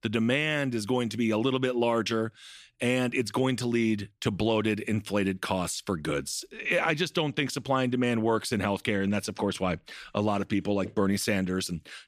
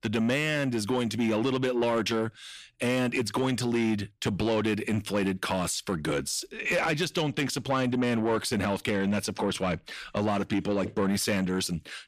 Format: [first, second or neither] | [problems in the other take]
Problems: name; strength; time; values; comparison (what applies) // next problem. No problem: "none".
first | distortion; slight; 10 dB below the speech